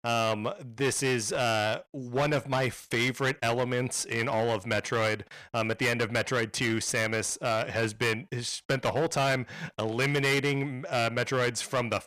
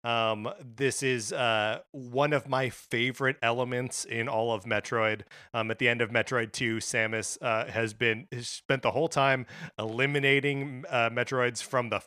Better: second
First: distortion; heavy; 14% of the sound clipped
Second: none

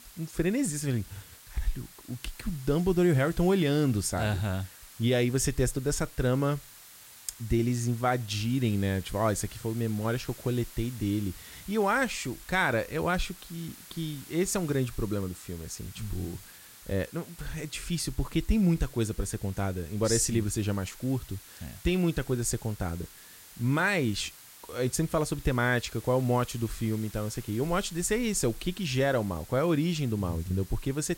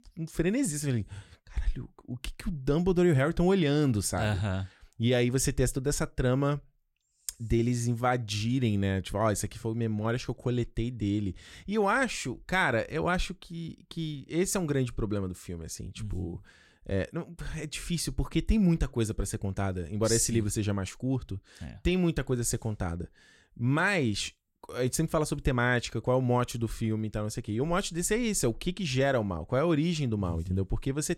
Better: second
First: hiss; noticeable; throughout; 20 dB below the speech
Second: none

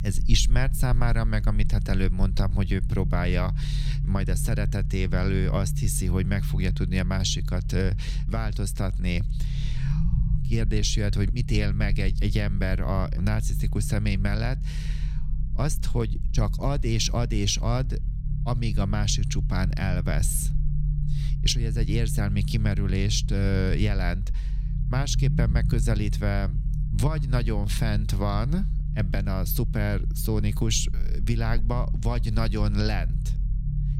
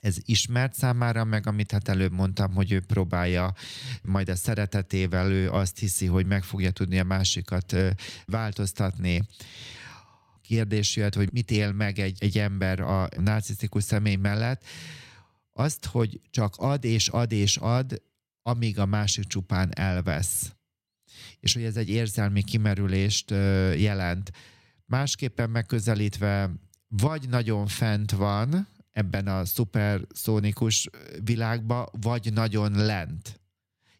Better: second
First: low rumble; noticeable; throughout; 10 dB below the speech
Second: none

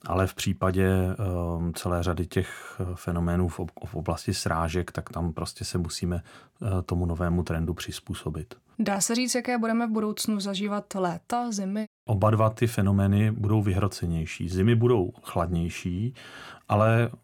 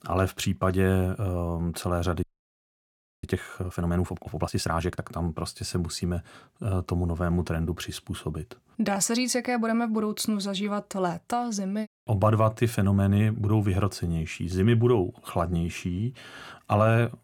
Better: first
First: none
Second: audio freezing; at 2 s for 1 s

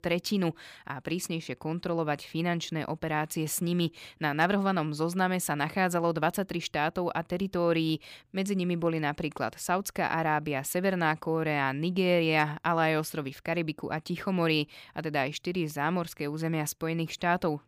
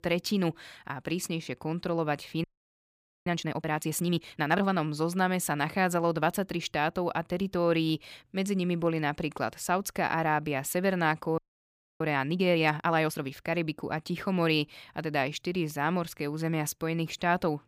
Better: first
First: none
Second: audio freezing; at 2.5 s for 1 s and at 11 s for 0.5 s

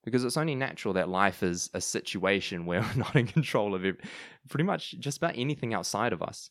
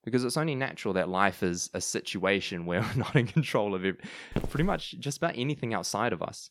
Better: first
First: none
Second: footsteps; noticeable; at 4.5 s; peak 6 dB below the speech

